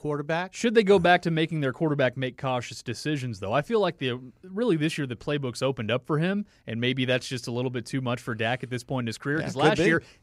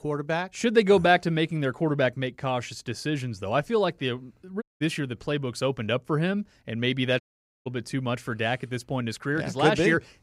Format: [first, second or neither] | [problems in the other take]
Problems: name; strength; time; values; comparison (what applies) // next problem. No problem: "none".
first | audio cutting out; at 4.5 s and at 7 s